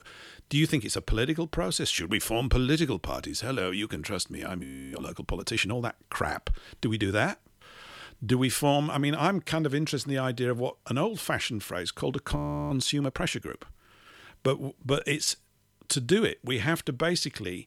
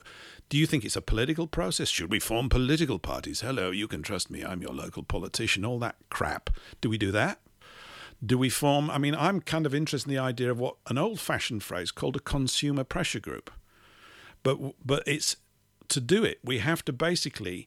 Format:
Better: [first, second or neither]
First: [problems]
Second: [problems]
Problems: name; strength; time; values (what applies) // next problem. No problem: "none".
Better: second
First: audio freezing; at 4.5 s and at 12 s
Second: none